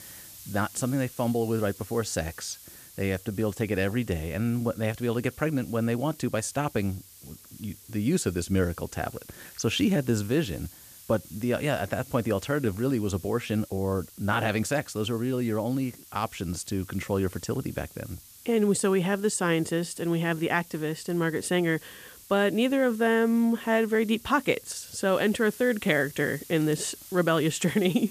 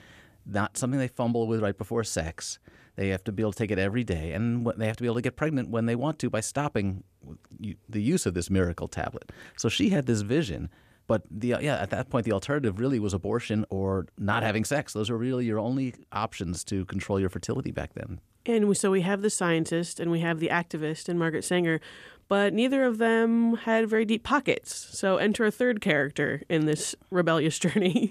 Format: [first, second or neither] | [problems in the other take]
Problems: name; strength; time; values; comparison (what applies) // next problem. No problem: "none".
second | hiss; noticeable; throughout; 20 dB below the speech